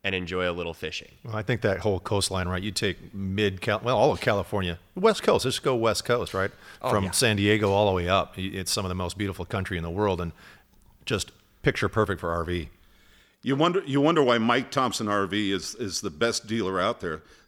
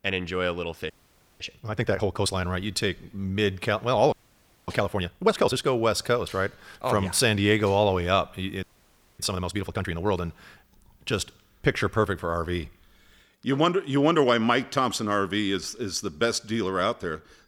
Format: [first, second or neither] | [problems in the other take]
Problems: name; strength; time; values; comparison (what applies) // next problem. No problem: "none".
first | audio freezing; at 1 s, at 4 s for 0.5 s and at 8.5 s for 0.5 s